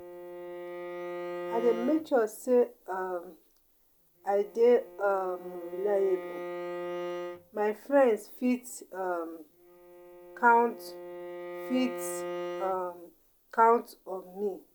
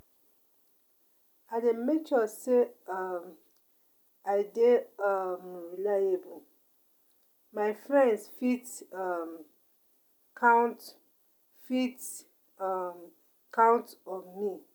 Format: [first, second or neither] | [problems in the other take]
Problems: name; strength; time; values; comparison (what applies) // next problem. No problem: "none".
second | background sound (Bowed string instrument); 11 dB below the speech